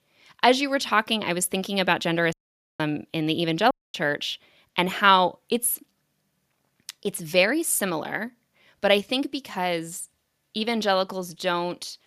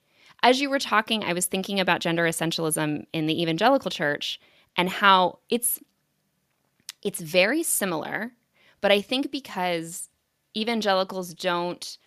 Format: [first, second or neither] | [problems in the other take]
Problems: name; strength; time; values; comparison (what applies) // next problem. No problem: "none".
second | audio cutting out; at 2.5 s and at 3.5 s